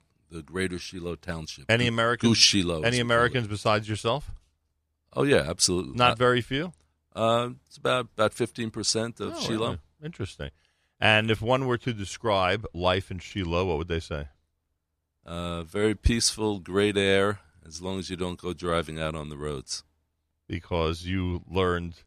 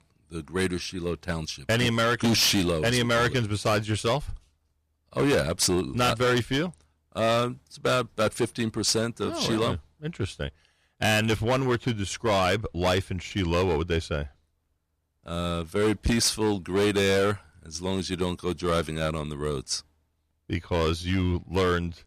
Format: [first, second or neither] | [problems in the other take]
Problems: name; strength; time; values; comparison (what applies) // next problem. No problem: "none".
first | distortion; heavy; 10% of the sound clipped